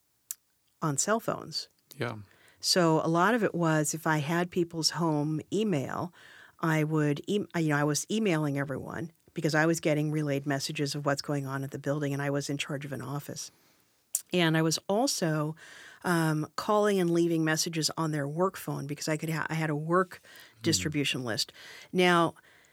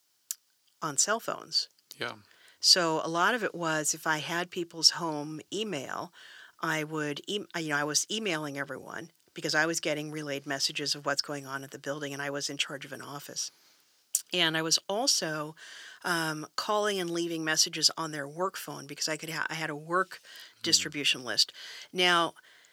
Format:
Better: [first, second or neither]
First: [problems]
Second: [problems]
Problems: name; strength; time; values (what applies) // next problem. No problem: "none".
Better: first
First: none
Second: thin; somewhat; fading below 1 kHz